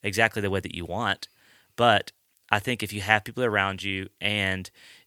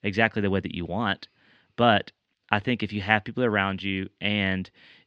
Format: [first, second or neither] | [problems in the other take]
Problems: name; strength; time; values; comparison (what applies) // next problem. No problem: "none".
first | muffled; very slightly; fading above 4 kHz